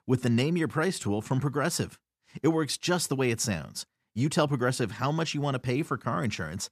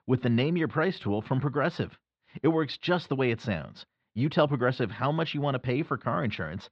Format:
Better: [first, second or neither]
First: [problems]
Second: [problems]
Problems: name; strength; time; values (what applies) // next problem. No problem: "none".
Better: first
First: none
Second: muffled; slightly; fading above 4 kHz